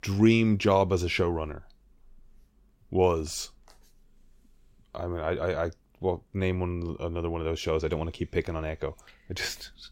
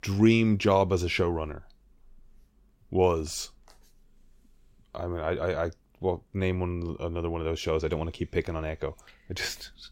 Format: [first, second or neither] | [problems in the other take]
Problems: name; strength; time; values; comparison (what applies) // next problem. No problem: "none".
neither | none